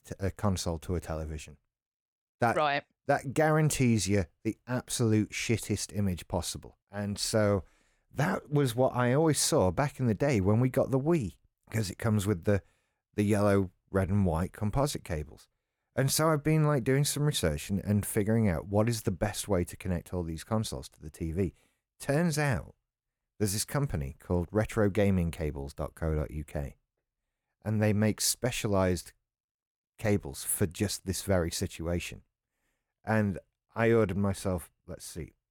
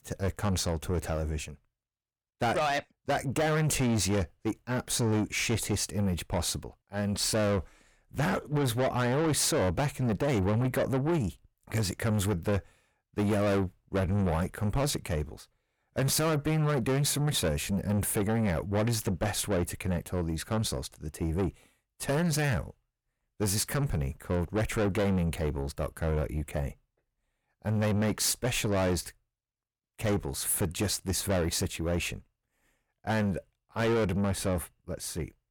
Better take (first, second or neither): first